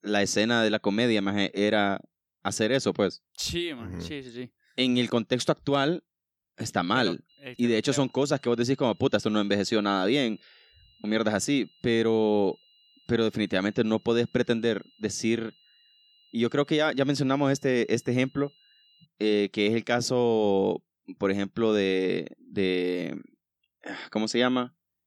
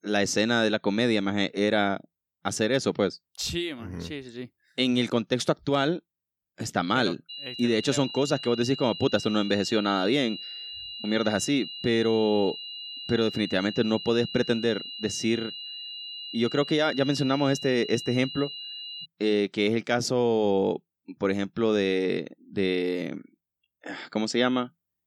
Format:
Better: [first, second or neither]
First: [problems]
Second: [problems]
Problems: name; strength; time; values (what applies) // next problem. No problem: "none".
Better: first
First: high-pitched whine; faint; from 7.5 to 19 s; 3 kHz, 35 dB below the speech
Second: high-pitched whine; loud; from 7.5 to 19 s; 3 kHz, 10 dB below the speech